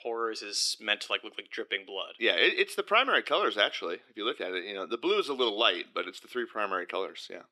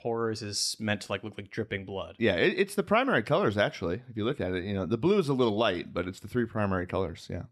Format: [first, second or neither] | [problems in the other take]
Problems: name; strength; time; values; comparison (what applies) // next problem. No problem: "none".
second | thin; very; fading below 350 Hz